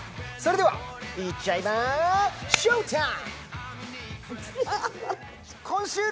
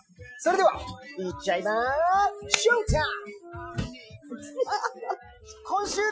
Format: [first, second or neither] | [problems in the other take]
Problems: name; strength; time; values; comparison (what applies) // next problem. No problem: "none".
first | noise reduction (classical method Wiener filter)